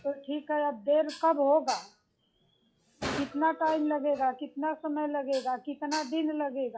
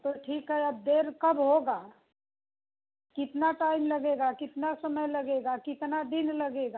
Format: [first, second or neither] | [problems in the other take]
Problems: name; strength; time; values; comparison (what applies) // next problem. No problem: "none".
second | noise reduction (classical method log-MMSE)